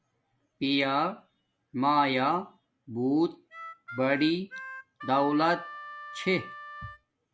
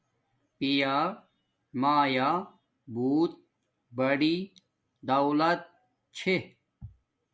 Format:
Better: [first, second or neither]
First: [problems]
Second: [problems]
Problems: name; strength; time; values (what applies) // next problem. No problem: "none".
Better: second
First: background sound (Harmonica); 13 dB below the speech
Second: none